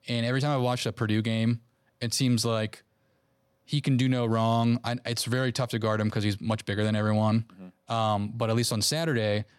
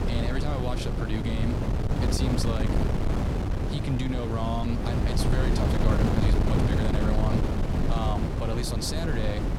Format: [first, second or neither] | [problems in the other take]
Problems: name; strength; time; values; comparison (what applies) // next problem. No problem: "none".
first | wind noise on the microphone; heavy; 1 dB above the speech